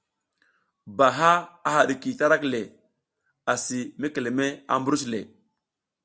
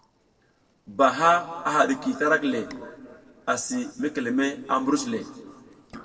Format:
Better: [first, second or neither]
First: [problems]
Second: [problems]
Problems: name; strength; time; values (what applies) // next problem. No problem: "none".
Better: first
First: none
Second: noise reduction (neural separator model SepFormer DNS4)